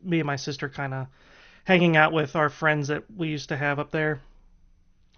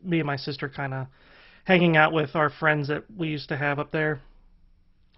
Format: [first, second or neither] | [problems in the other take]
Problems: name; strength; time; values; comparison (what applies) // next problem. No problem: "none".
first | garbled, watery; badly; nothing above 5.5 kHz; slightly in the first